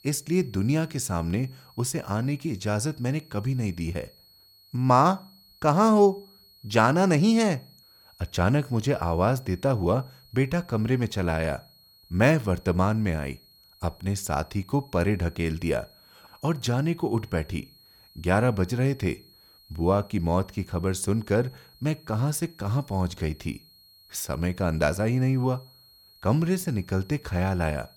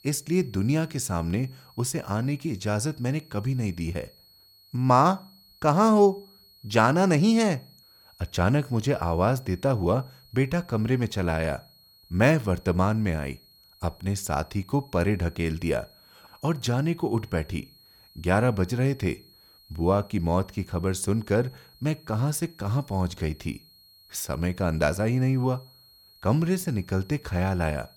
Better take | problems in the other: neither | high-pitched whine; faint; throughout; 4.5 kHz, 25 dB below the speech; the same in both

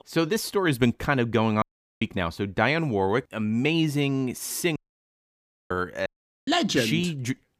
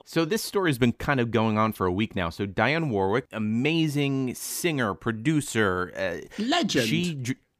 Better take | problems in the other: second | audio cutting out; at 1.5 s, at 5 s for 1 s and at 6 s

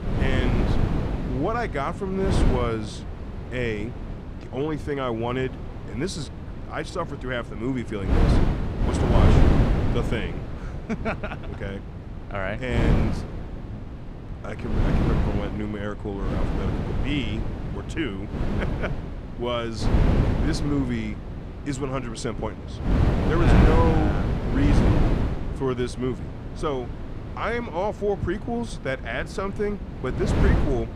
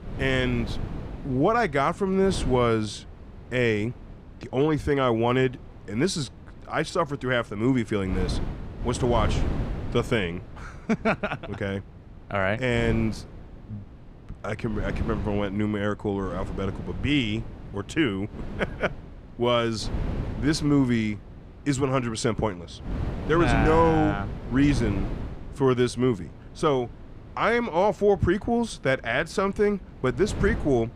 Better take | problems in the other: second | wind noise on the microphone; heavy; 3 dB below the speech; occasional gusts in the second

